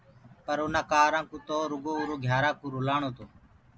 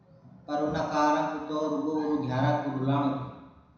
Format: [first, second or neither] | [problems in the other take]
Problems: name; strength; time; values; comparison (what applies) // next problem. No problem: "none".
first | room echo; dies away in 1 s